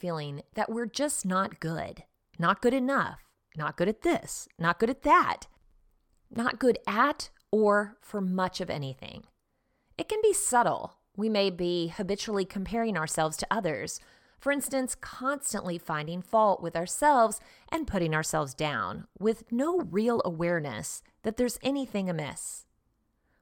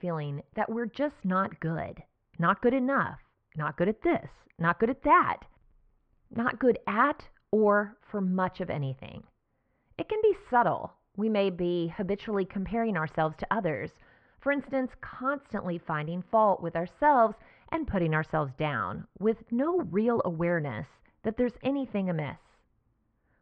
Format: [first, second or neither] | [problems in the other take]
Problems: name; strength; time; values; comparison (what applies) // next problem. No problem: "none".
first | muffled; very; fading above 2.5 kHz